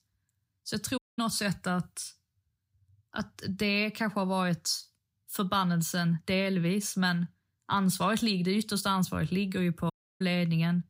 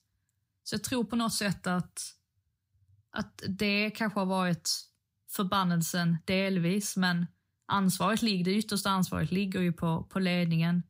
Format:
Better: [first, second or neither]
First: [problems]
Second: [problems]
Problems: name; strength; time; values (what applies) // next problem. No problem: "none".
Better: second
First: audio cutting out; at 1 s and at 10 s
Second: none